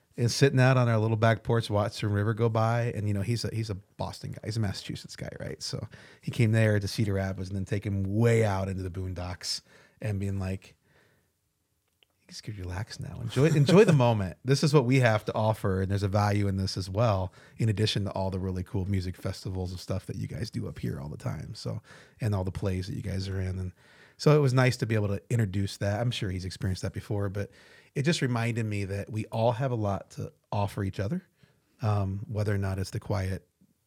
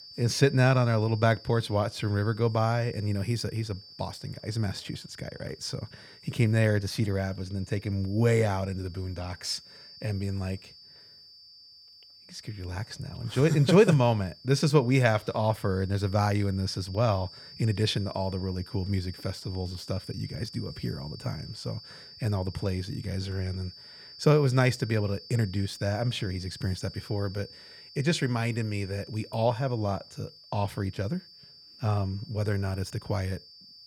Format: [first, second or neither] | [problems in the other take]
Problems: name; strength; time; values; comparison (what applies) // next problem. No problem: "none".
first | high-pitched whine; noticeable; throughout; 4.5 kHz, 20 dB below the speech